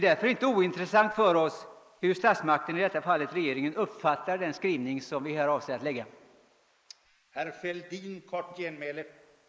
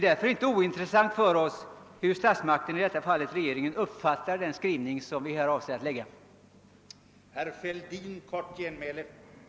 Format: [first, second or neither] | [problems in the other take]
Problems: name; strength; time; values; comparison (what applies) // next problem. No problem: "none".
second | noise reduction (neural mask model Resemble Enhance denoiser)